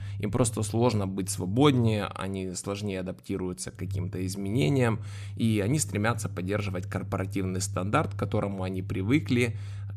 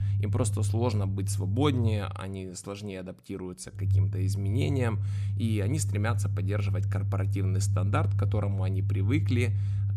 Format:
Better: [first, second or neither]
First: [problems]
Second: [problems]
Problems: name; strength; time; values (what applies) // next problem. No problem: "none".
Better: first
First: low rumble; faint; throughout; 20 dB below the speech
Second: low rumble; loud; throughout; 8 dB below the speech